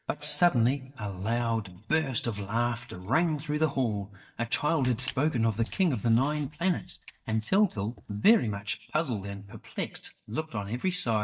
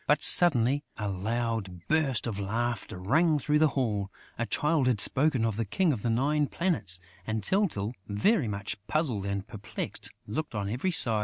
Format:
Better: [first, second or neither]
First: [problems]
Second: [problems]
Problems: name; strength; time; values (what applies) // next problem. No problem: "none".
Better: second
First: noise reduction (neural mask model DeepFilterNet 3)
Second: none